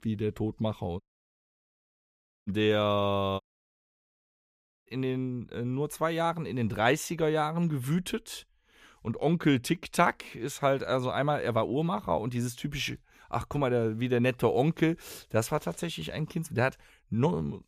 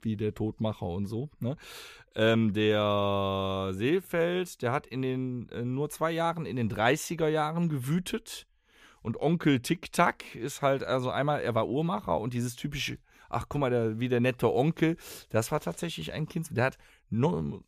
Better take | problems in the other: second | audio cutting out; at 1 s for 1.5 s and at 3.5 s for 1.5 s

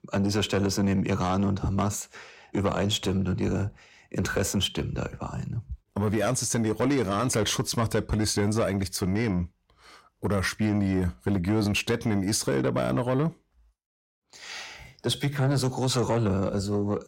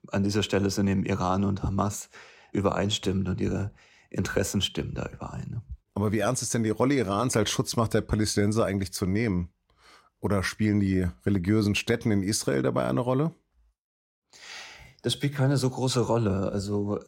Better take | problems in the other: second | distortion; slight; 10 dB below the speech

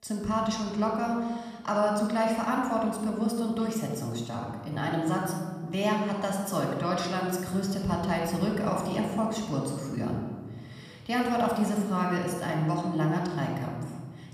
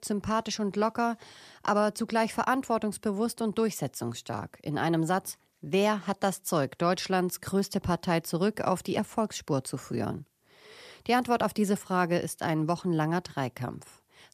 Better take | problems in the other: second | off-mic speech; somewhat distant // room echo; noticeable; dies away in 1.5 s

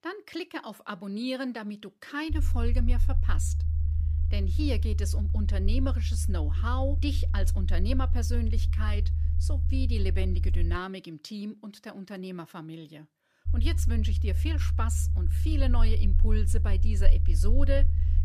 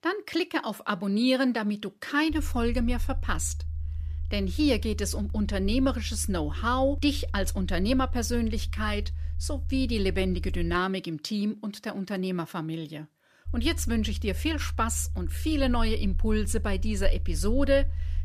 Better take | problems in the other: second | low rumble; loud; from 2.5 to 11 s and from 13 s on; 9 dB below the speech; faint in the second

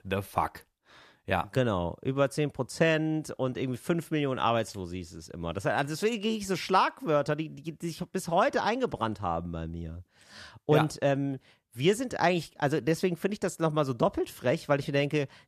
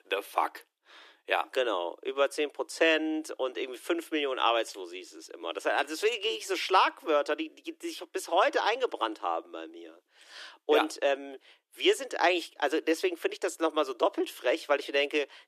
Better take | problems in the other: first | thin; very; fading below 300 Hz

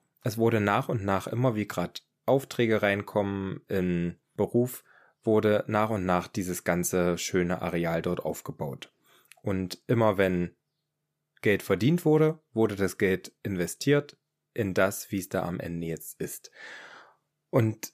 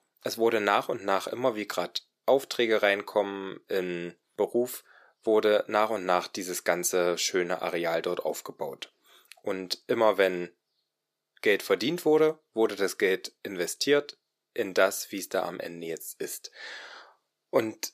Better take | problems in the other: first | thin; somewhat; fading below 400 Hz

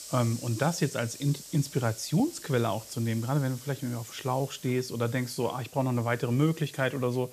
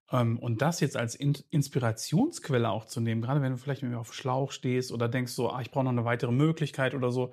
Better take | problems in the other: second | hiss; noticeable; throughout; 15 dB below the speech

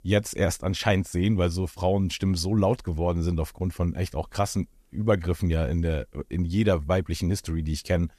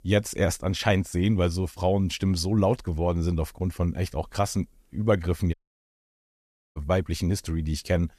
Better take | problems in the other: first | audio cutting out; at 5.5 s for 1 s

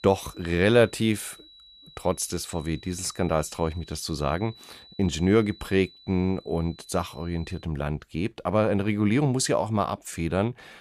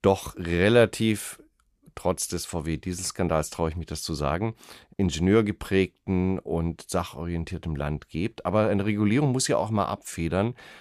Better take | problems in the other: second | high-pitched whine; faint; until 7.5 s; 4 kHz, 25 dB below the speech

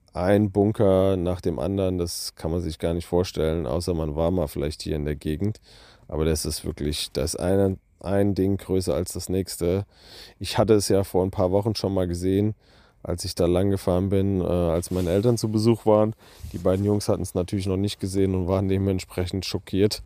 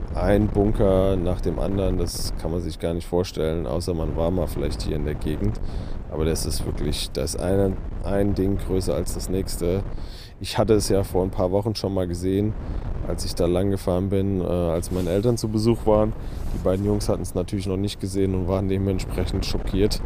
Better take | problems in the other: first | wind noise on the microphone; occasional gusts; 15 dB below the speech

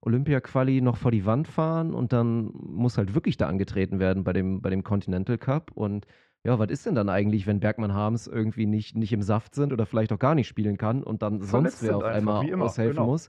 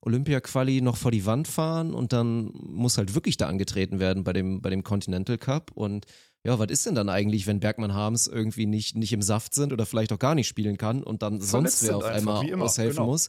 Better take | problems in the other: second | muffled; very; fading above 1.5 kHz

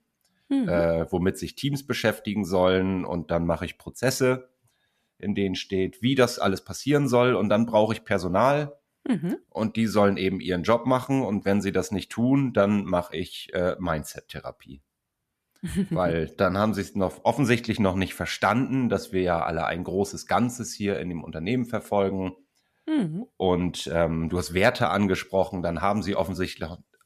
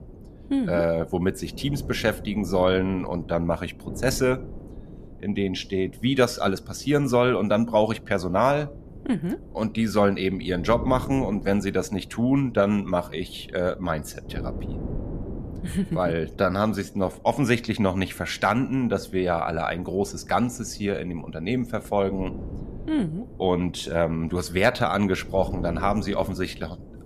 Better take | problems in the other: first | wind noise on the microphone; occasional gusts; 20 dB below the speech

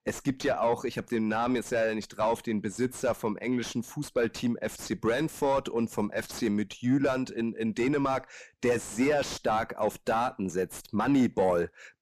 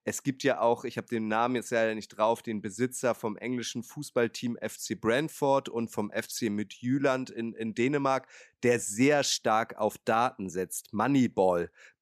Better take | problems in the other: second | distortion; heavy; 7 dB below the speech

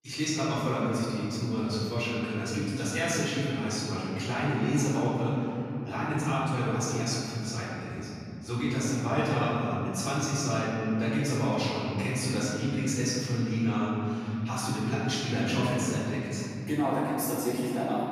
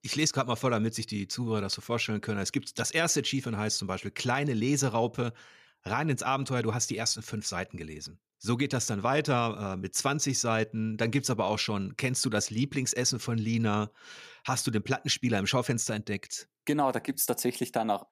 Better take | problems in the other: second | off-mic speech; far // room echo; strong; dies away in 3 s

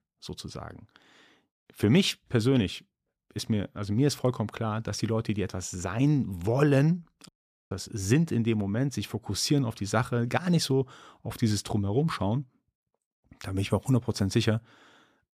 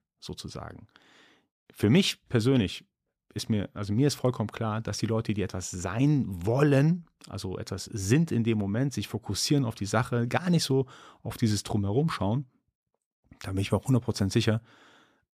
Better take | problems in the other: second | audio cutting out; at 7.5 s

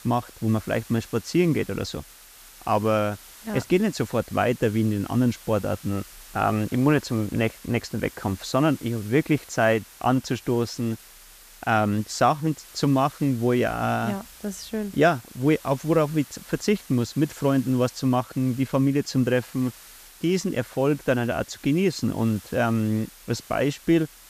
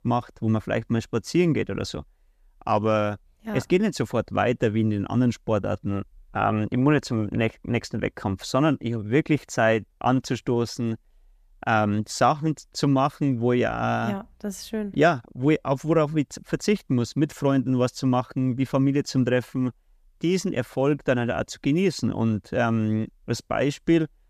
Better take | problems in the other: second | hiss; faint; throughout; 20 dB below the speech

